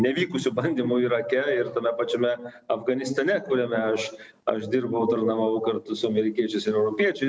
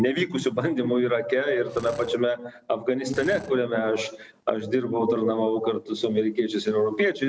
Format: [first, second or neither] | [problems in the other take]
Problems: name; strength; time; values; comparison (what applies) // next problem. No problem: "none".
first | background sound (Drill); 17 dB below the speech